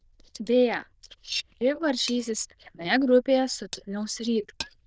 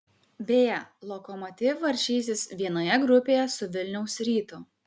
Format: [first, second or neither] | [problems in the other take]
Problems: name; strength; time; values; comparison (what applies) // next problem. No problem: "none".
second | noise reduction (neural diffusion model UNIVERSE++)